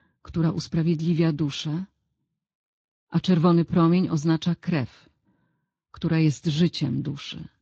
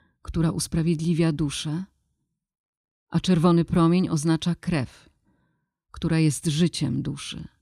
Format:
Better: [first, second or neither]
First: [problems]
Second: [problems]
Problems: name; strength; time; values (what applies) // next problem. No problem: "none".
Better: second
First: garbled, watery; slightly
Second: none